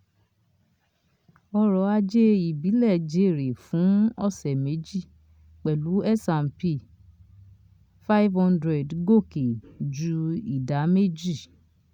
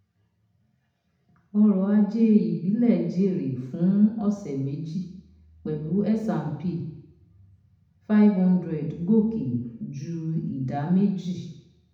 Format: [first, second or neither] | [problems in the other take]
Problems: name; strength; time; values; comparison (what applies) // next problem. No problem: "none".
first | room echo; dies away in 0.8 s